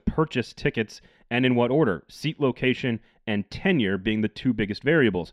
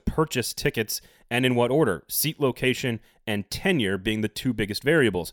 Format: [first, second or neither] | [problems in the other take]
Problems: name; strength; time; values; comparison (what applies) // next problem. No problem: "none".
second | muffled; slightly; fading above 2.5 kHz